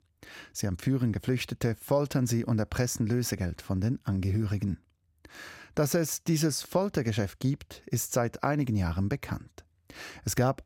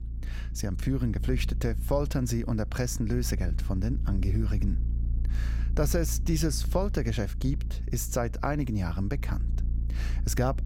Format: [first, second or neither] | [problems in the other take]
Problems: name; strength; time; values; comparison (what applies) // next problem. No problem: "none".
first | low rumble; noticeable; throughout; 15 dB below the speech